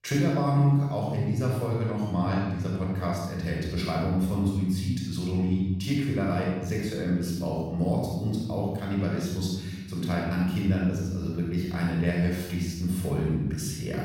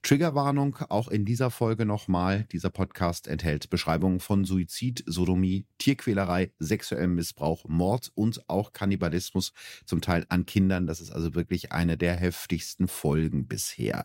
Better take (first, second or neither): second